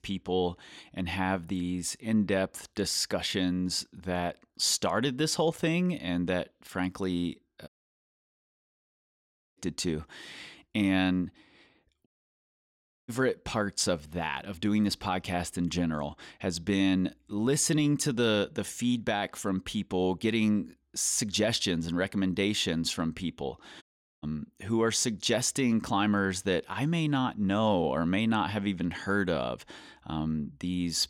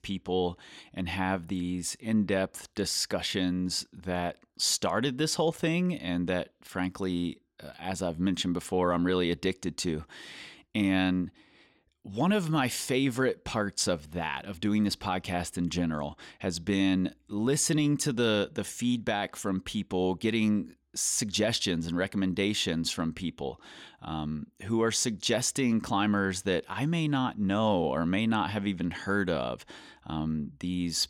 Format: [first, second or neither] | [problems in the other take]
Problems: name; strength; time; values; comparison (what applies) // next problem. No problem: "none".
second | audio cutting out; at 7.5 s for 2 s, at 12 s for 1 s and at 24 s